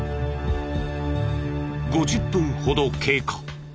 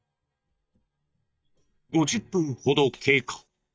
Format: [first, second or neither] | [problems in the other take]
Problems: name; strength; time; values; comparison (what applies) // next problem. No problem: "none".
first | noise reduction (neural mask model DeepFilterNet 3)